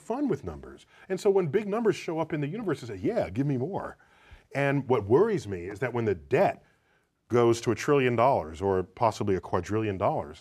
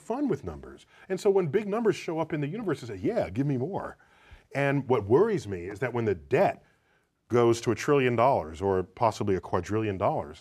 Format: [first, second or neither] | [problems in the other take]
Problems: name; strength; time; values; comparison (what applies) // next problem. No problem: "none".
neither | none